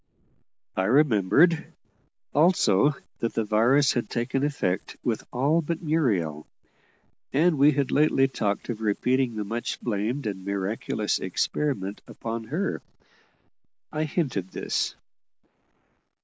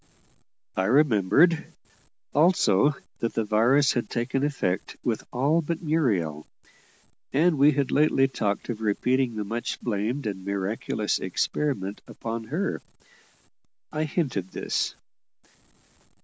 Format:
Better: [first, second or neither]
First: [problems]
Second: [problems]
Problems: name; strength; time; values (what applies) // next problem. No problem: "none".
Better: second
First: noise reduction (neural mask model Resemble Enhance denoiser)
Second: none